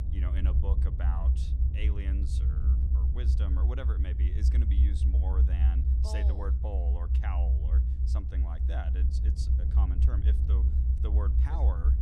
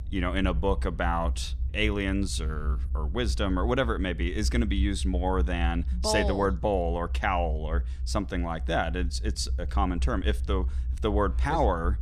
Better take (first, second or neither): second